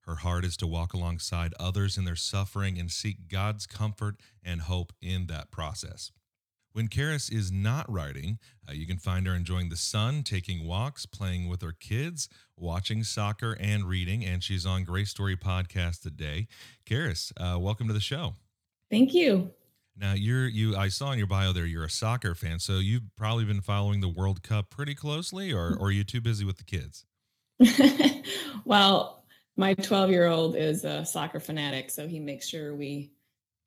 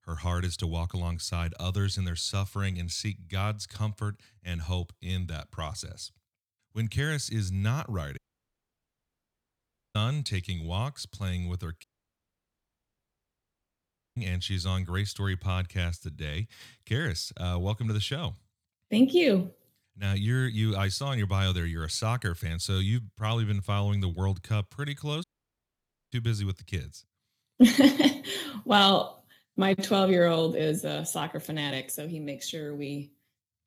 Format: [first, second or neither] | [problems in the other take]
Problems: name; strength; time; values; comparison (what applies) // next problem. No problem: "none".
first | audio cutting out; at 8 s for 2 s, at 12 s for 2.5 s and at 25 s for 1 s